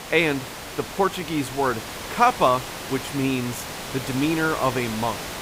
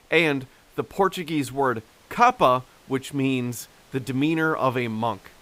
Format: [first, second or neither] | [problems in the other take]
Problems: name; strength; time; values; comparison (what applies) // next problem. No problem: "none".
second | hiss; loud; throughout; 8 dB below the speech; faint in the second